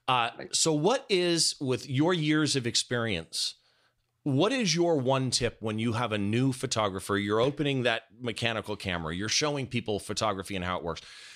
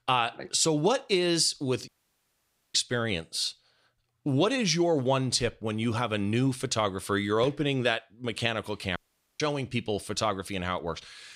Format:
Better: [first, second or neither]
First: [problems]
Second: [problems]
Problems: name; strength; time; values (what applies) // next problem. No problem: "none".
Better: first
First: none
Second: audio cutting out; at 2 s for 1 s and at 9 s